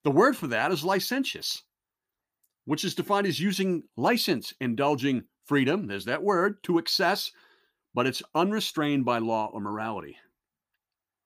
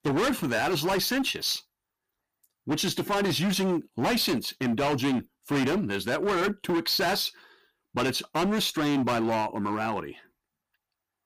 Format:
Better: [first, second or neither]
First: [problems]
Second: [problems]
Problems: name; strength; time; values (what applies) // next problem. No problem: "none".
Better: first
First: none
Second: distortion; heavy; 20% of the sound clipped